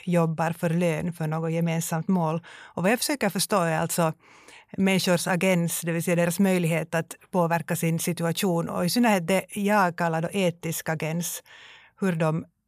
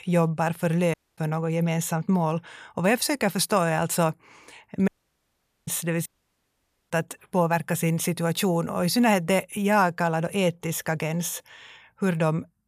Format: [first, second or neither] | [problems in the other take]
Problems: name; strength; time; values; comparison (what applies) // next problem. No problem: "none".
first | audio cutting out; at 1 s, at 5 s for 1 s and at 6 s for 1 s